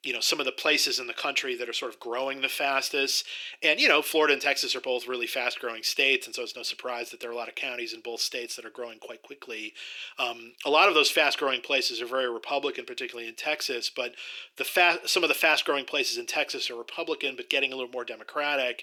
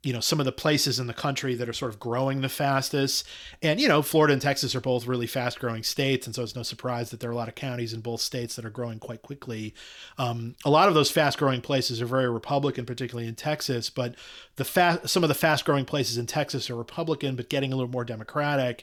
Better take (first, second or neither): second